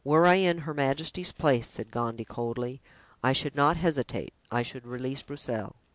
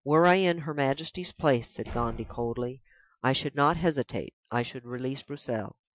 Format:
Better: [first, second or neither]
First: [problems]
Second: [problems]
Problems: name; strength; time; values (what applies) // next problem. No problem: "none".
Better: first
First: none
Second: noise reduction (classical method Wiener filter)